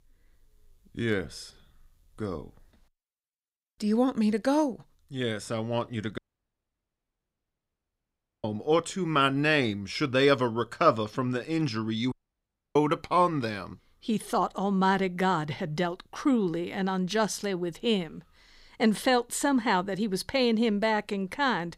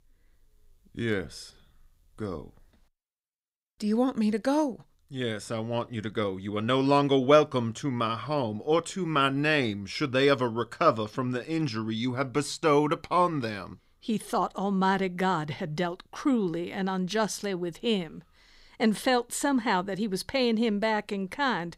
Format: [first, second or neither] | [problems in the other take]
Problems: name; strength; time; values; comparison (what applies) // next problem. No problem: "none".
second | audio cutting out; at 6 s for 2.5 s and at 12 s for 0.5 s